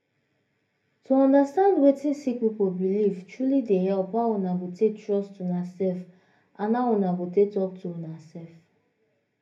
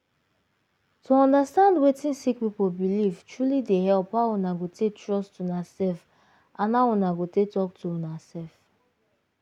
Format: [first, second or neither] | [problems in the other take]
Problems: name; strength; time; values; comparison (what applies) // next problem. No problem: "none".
second | room echo; dies away in 0.3 s